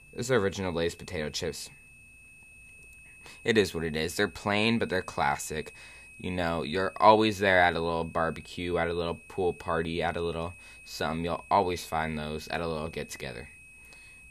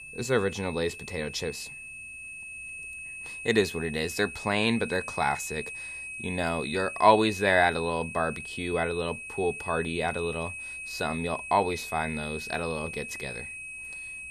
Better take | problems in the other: first | high-pitched whine; loud; throughout; 2.5 kHz, 9 dB below the speech; faint in the first

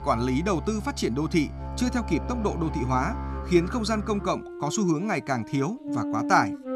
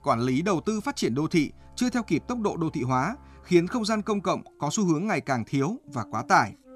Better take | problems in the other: second | background music; loud; throughout; 8 dB below the speech; faint in the second

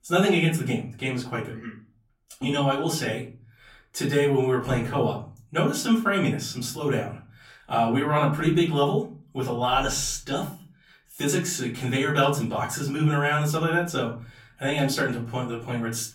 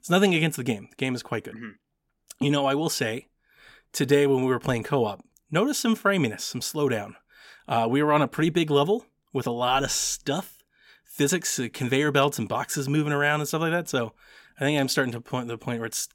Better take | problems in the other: second | room echo; very slight; dies away in 0.4 s // off-mic speech; far

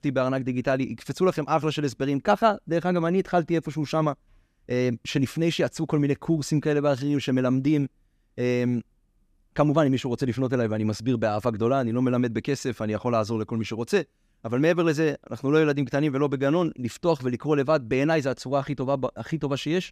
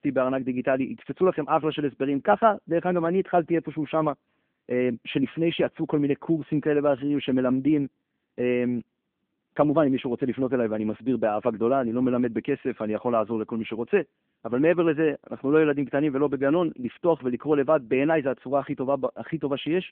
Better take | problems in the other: first | phone-call audio; nothing above 3.5 kHz

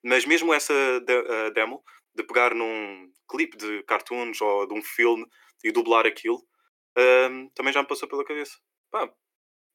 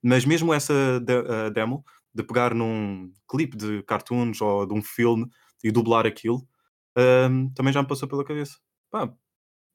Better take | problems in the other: second | thin; very; fading below 350 Hz

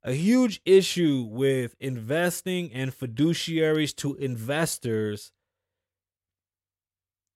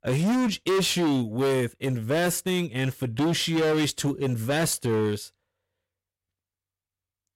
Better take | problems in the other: first | distortion; heavy; 17% of the sound clipped

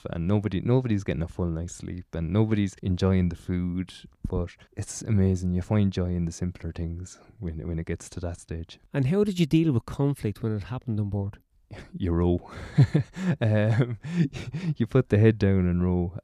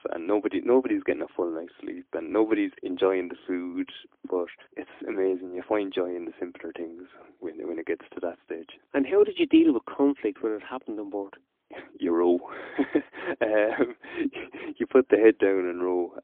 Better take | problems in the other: first | phone-call audio; poor line; nothing above 3.5 kHz

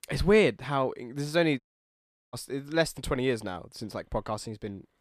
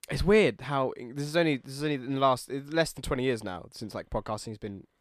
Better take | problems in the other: second | audio cutting out; at 1.5 s for 0.5 s

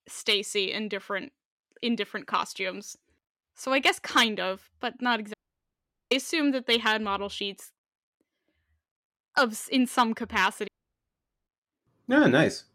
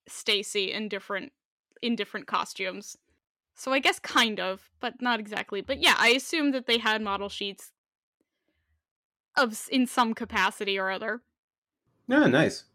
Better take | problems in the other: second | audio cutting out; at 5.5 s for 1 s and at 11 s for 1 s

